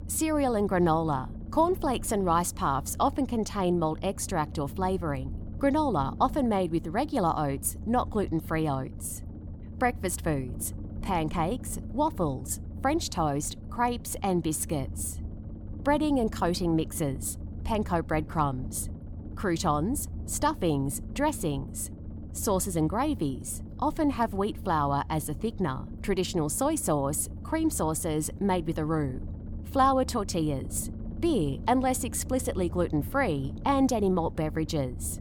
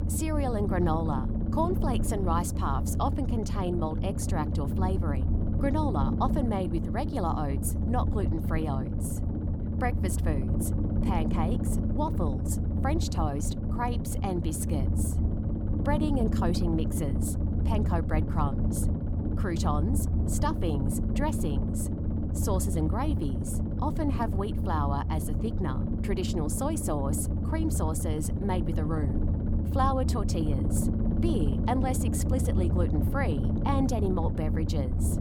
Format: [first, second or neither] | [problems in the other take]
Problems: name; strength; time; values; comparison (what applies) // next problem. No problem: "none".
first | low rumble; loud; throughout; 5 dB below the speech; faint in the first